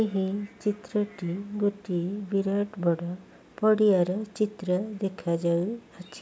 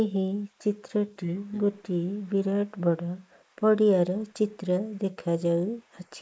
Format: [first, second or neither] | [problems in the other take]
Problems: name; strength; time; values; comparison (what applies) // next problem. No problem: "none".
first | noise reduction (neural mask model Resemble Enhance denoiser)